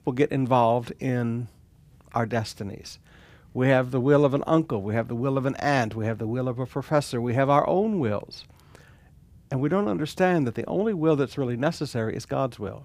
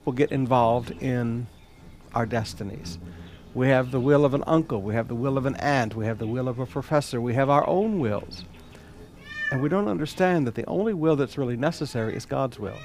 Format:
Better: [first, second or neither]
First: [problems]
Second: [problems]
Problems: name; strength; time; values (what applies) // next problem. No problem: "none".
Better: first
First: none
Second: animal sounds; noticeable; throughout; 15 dB below the speech